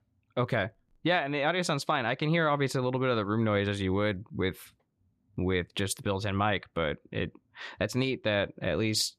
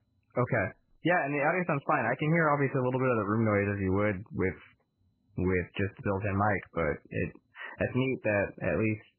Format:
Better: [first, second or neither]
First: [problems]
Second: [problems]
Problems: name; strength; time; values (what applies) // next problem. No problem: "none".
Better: first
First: none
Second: garbled, watery; badly; nothing above 2.5 kHz